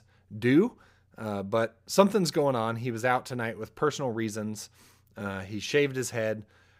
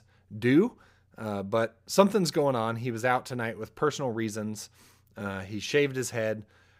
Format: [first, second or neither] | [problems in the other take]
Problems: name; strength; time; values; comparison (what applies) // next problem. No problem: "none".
neither | none